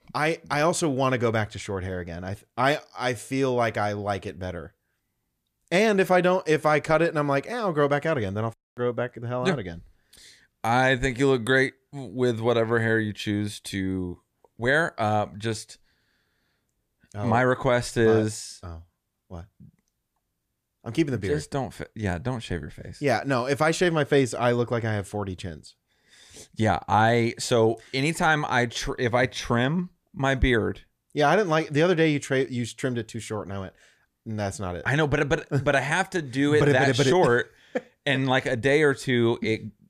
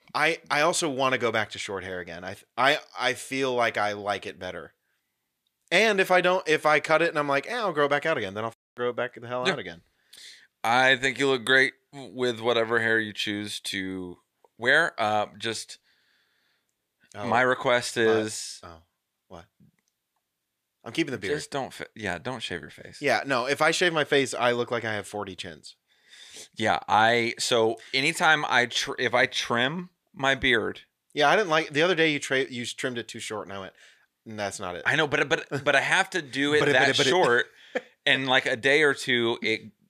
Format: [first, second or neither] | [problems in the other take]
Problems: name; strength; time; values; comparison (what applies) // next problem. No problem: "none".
first | thin; somewhat; fading below 900 Hz